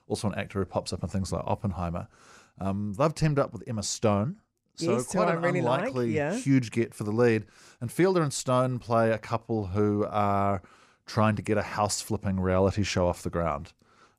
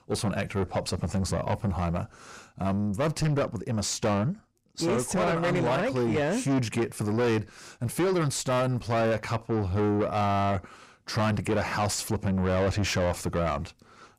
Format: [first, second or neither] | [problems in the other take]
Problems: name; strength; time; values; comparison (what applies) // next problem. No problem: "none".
first | distortion; heavy; 7 dB below the speech